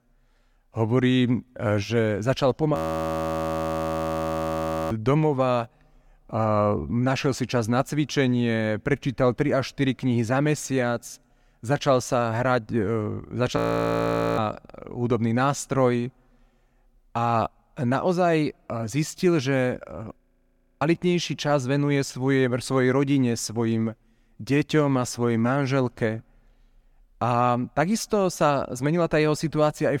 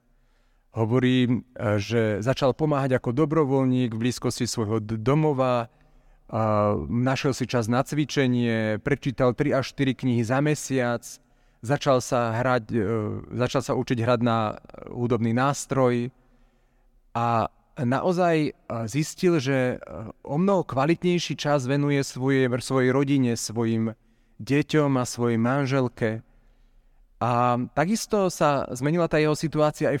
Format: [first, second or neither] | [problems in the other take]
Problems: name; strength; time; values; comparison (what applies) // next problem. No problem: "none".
second | audio freezing; at 3 s for 2 s, at 14 s for 1 s and at 20 s for 0.5 s